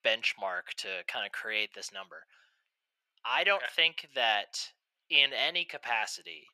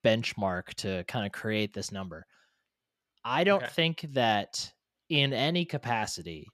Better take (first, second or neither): second